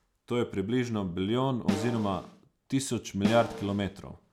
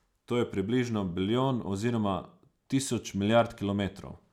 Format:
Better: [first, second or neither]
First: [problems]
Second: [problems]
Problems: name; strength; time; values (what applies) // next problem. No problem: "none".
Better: second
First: background sound (Snare drum); 4 dB below the speech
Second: none